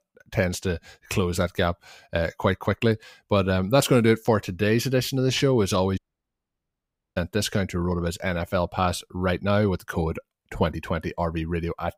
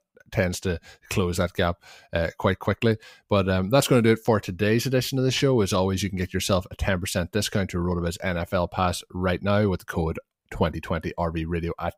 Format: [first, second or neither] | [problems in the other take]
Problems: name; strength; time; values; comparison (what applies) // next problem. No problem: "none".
second | audio cutting out; at 6 s for 1 s